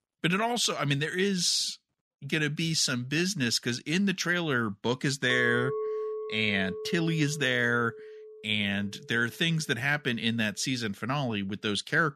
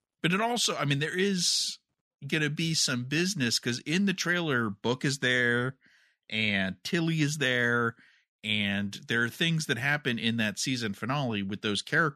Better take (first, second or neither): second